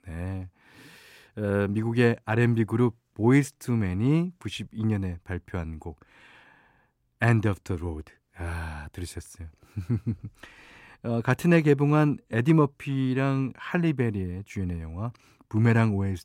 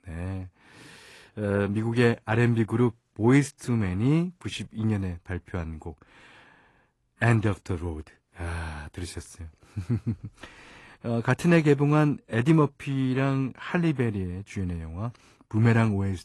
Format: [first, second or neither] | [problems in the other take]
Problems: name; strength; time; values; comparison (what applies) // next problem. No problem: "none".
first | garbled, watery; slightly; nothing above 11.5 kHz